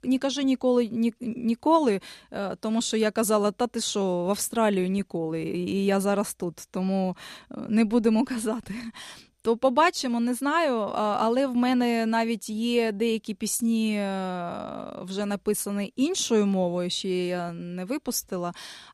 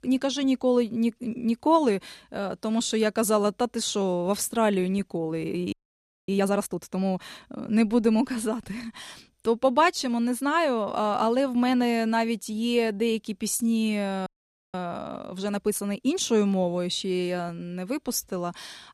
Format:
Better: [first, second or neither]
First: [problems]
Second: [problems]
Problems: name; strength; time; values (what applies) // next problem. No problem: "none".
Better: first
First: none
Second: audio freezing; at 5.5 s for 0.5 s and at 14 s